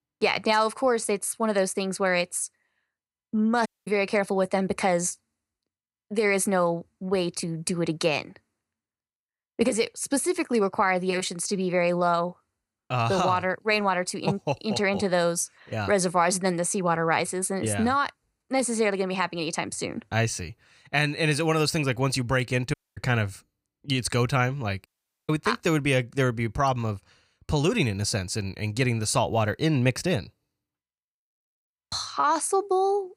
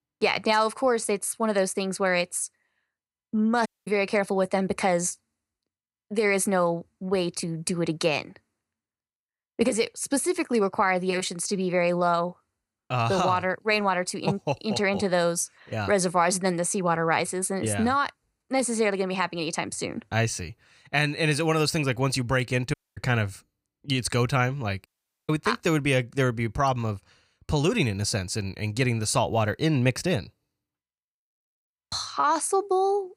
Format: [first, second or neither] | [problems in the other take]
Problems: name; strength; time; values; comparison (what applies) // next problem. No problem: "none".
neither | audio cutting out; at 3.5 s, at 23 s and at 25 s; the same in both